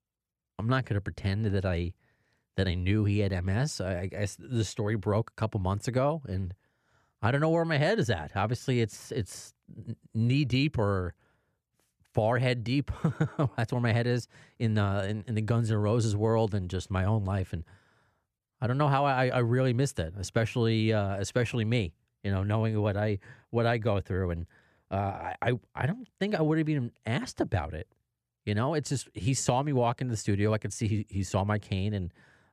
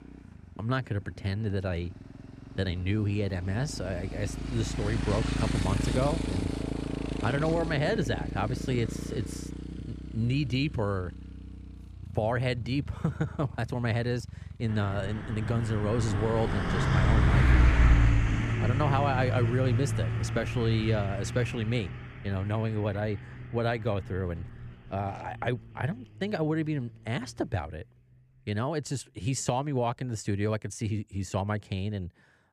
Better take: first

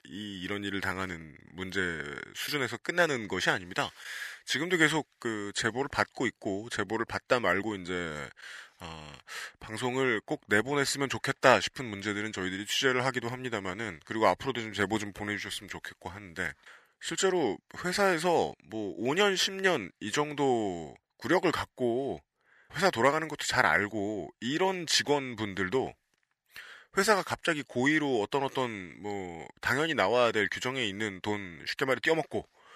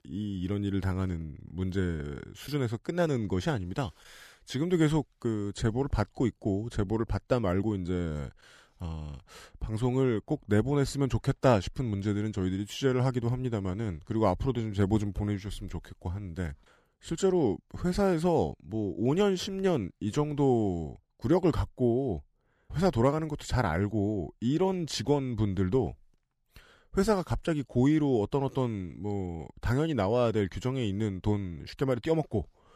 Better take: second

